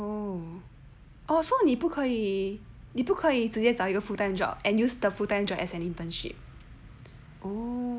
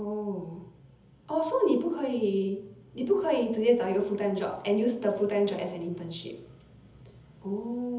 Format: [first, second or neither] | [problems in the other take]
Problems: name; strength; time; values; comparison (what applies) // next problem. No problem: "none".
first | room echo; dies away in 0.7 s